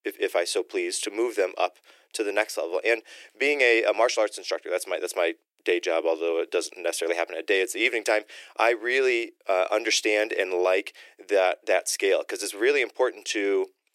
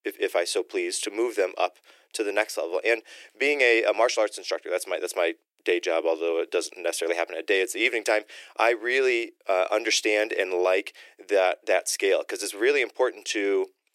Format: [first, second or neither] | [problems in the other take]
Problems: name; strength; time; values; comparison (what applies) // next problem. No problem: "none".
neither | thin; very; fading below 300 Hz; the same in both